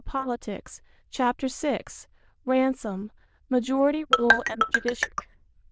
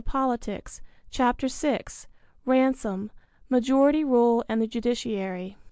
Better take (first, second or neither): second